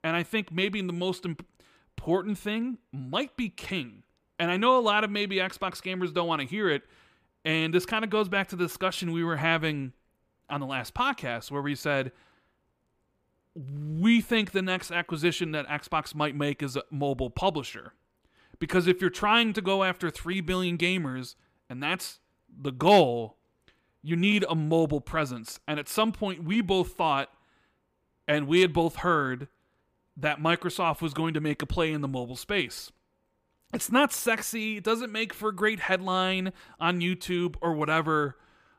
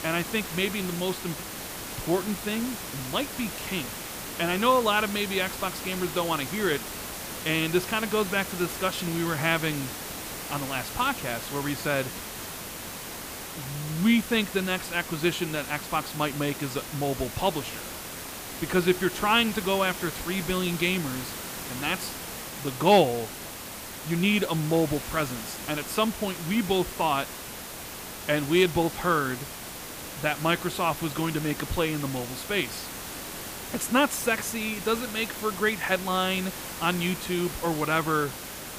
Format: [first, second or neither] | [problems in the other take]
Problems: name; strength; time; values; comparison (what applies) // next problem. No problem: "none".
first | hiss; loud; throughout; 8 dB below the speech